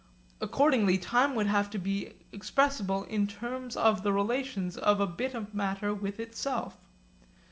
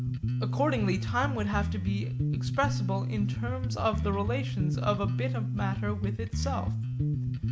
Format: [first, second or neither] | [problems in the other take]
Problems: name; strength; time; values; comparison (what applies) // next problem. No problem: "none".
first | background sound (Bass guitar); 3 dB above the speech